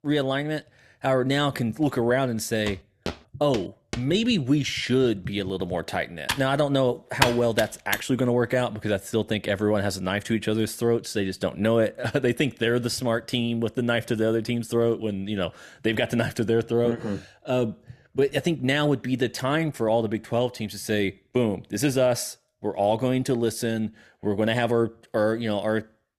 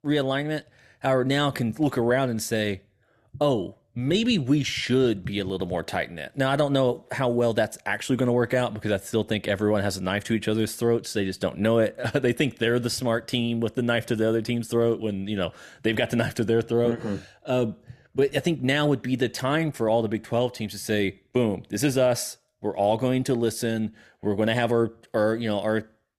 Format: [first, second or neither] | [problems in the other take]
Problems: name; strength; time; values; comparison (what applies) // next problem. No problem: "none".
second | footsteps; faint; from 2.5 to 4 s; peak 10 dB below the speech // keyboard typing; loud; from 6.5 to 8 s; peak 1 dB above the speech